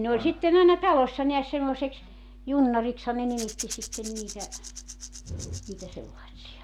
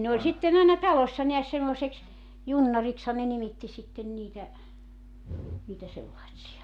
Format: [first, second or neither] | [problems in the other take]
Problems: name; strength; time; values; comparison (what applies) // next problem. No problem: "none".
second | background sound (Rattle / Rattle (instrument)); 15 dB below the speech